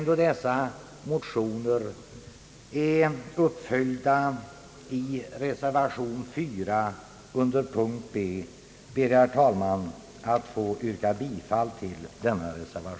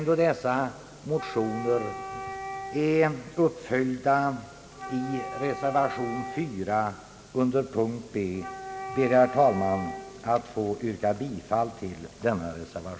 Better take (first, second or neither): first